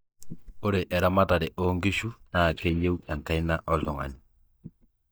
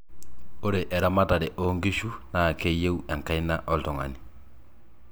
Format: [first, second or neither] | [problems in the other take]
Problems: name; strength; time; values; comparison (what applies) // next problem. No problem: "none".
second | noise reduction (neural mask model DeepFilterNet 3)